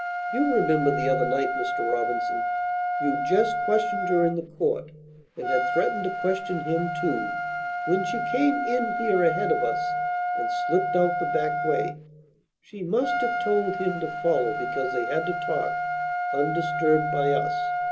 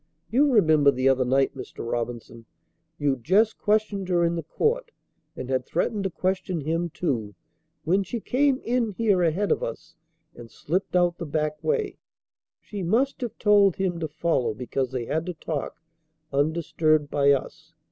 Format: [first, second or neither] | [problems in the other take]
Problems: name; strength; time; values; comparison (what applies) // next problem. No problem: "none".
second | background sound (Trumpet); 1 dB below the speech // room echo; dies away in 0.2 s